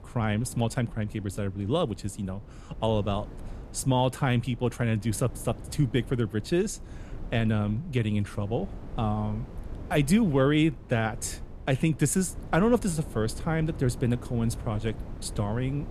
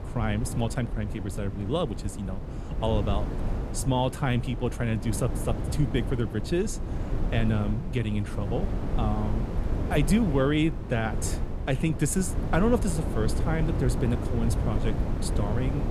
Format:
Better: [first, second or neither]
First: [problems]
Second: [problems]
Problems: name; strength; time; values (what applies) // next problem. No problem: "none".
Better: first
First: wind noise on the microphone; occasional gusts; 20 dB below the speech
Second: wind noise on the microphone; heavy; 7 dB below the speech